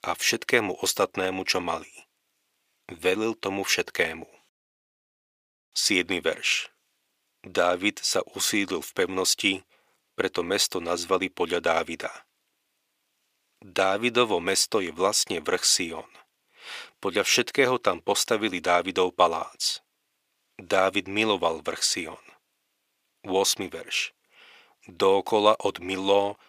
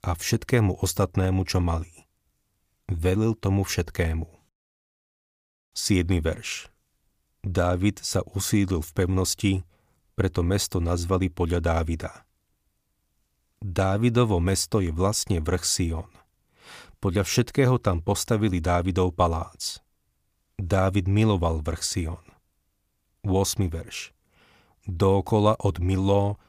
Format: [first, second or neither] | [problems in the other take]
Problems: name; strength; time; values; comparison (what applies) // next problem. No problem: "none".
second | thin; somewhat; fading below 400 Hz